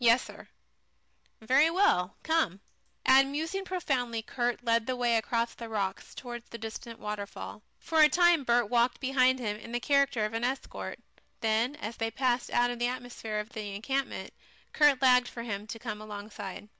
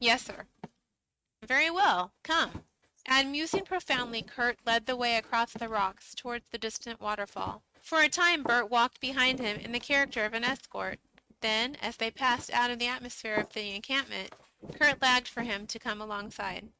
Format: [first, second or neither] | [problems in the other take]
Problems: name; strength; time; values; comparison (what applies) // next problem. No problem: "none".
first | noise reduction (neural mask model RNNoise)